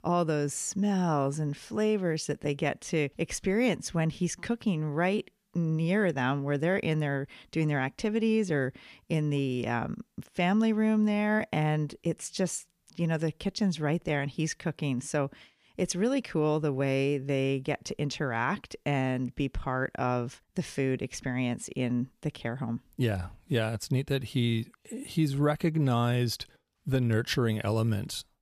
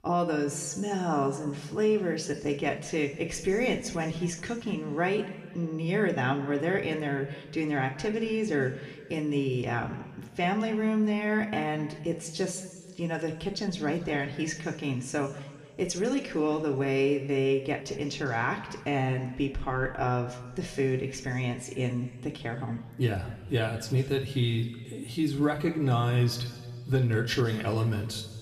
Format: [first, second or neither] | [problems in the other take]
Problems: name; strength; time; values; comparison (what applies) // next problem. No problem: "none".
first | room echo; slight; dies away in 1.5 s // off-mic speech; somewhat distant